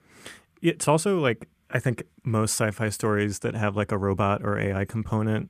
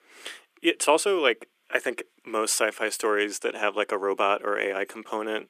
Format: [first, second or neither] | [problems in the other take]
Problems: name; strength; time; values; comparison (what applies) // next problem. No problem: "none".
first | thin; very; fading below 300 Hz